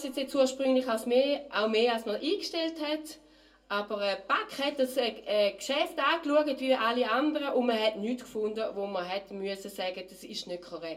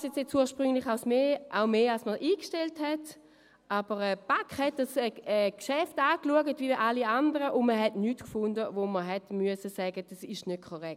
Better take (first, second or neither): second